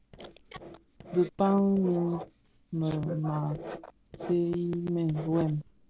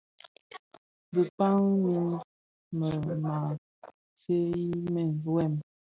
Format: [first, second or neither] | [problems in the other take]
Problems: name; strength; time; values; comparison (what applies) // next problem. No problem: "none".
second | background sound (Writing); 16 dB below the speech